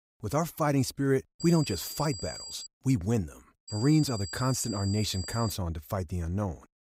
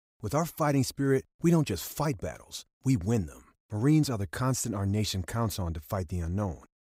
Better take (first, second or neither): second